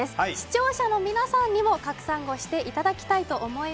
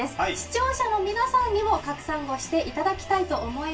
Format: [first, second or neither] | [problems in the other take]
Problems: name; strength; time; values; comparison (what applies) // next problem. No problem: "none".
first | room echo; dies away in 0.2 s